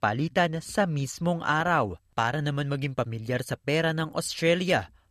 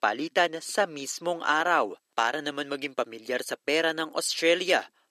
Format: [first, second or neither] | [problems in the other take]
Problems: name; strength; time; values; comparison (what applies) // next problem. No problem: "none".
first | thin; somewhat; fading below 300 Hz